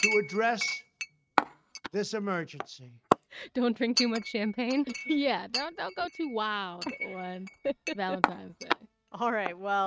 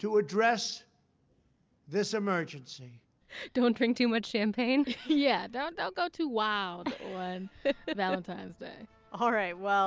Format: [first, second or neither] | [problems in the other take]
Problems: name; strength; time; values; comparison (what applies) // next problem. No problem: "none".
second | noise reduction (neural mask model RNNoise)